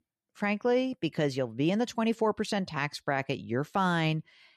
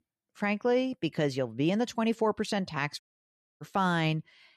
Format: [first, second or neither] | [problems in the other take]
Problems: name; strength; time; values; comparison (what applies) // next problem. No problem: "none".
first | audio cutting out; at 3 s for 0.5 s